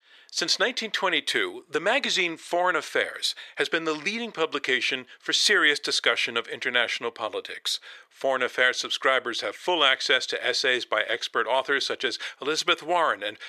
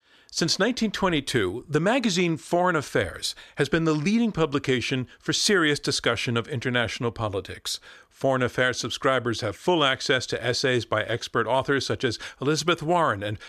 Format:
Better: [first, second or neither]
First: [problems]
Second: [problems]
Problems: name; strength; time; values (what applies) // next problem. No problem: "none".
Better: second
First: thin; somewhat; fading below 500 Hz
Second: none